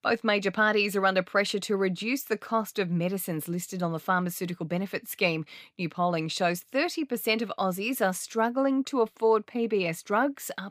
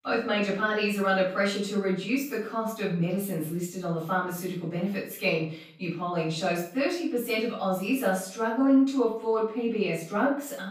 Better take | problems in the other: first | off-mic speech; far // room echo; noticeable; dies away in 0.4 s

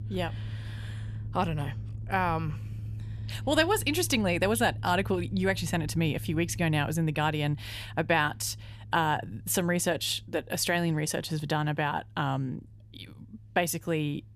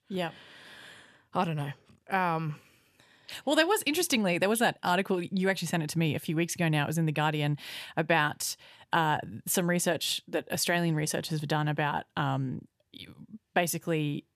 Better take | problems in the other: second | machinery noise; noticeable; throughout; 10 dB below the speech

